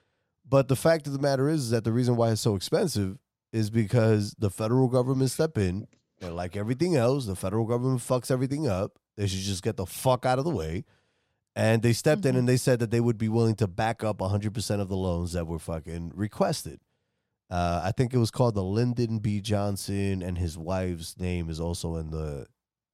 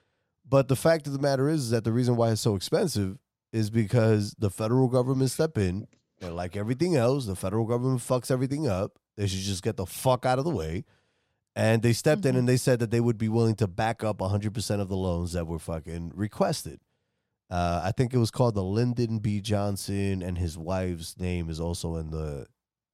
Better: neither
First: none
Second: none

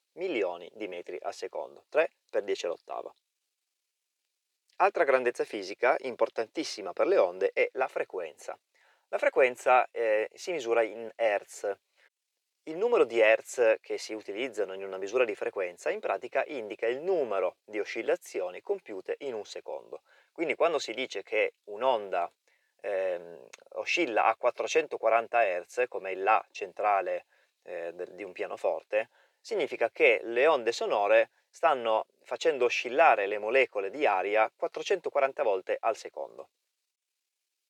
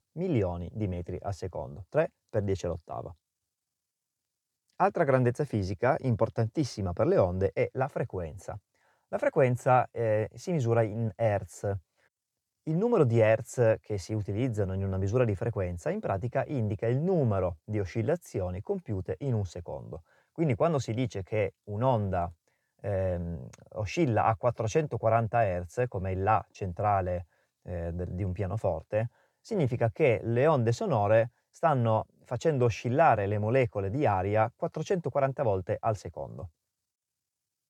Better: second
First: thin; very; fading below 400 Hz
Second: none

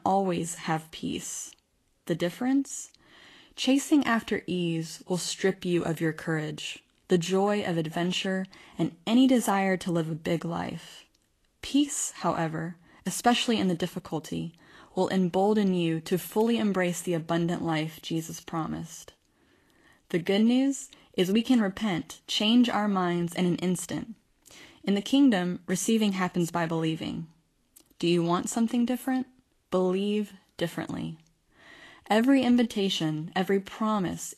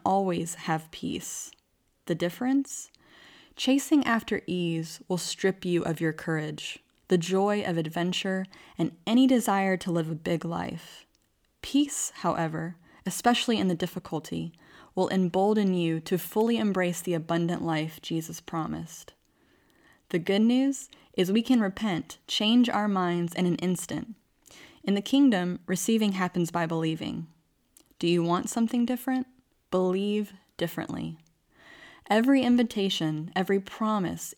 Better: second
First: garbled, watery; slightly; nothing above 12.5 kHz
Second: none

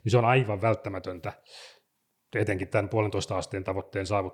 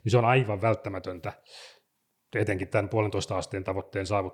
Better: neither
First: none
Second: none

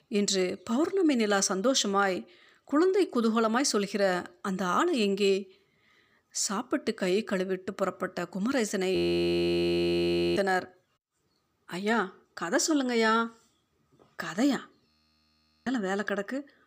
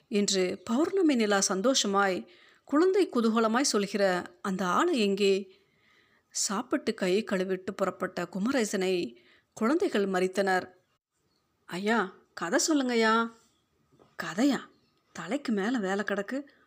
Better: second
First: audio freezing; at 9 s for 1.5 s and at 15 s for 1 s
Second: none

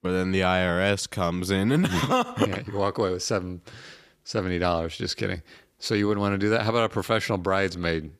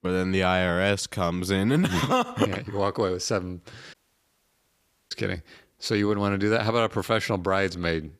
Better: first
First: none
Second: audio cutting out; at 4 s for 1 s

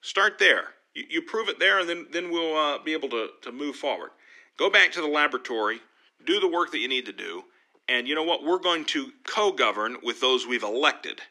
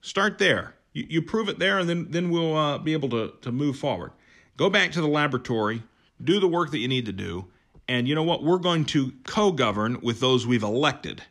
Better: second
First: thin; somewhat; fading below 300 Hz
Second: none

